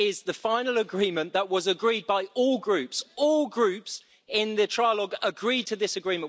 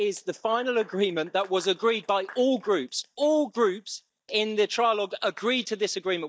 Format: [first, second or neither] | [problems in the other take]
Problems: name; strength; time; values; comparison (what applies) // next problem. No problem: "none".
first | noise reduction (neural mask model DeepFilterNet 3)